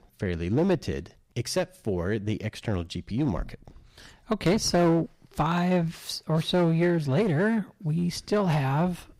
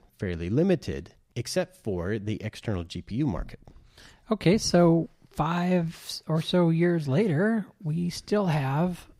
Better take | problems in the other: second | distortion; slight; 7% of the sound clipped

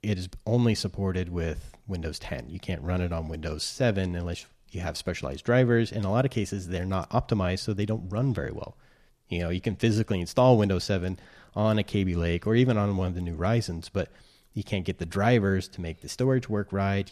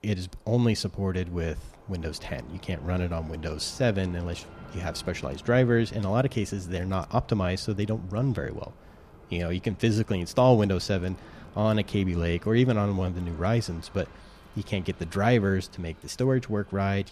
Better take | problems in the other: first | train or aircraft noise; faint; throughout; 20 dB below the speech

